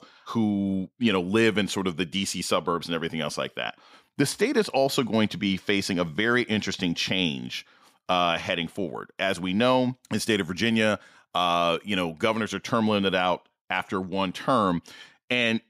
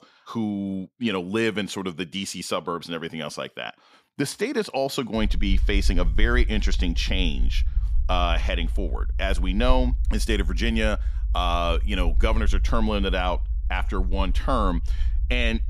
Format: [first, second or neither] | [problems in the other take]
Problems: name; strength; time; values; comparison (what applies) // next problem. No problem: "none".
first | low rumble; faint; from 5 s on; 20 dB below the speech